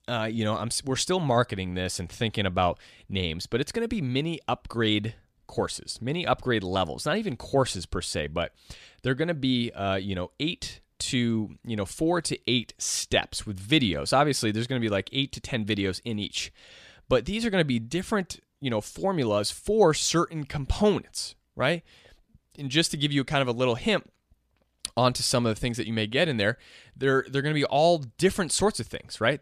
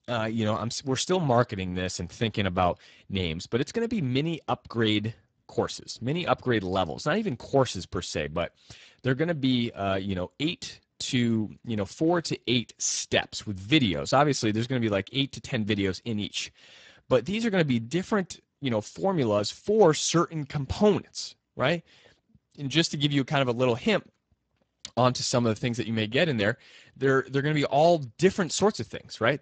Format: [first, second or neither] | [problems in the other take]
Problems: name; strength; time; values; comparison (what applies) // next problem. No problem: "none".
first | garbled, watery; badly; nothing above 7.5 kHz